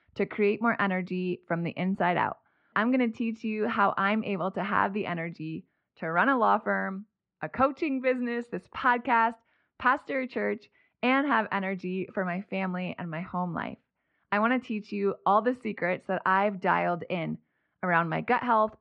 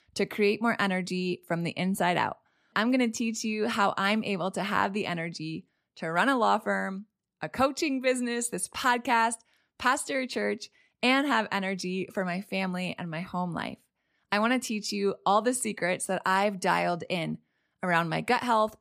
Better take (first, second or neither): second